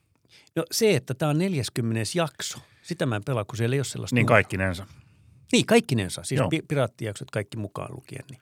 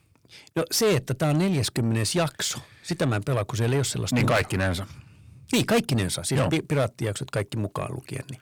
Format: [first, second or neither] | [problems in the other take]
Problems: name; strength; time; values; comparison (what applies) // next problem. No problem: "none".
first | distortion; heavy; 7 dB below the speech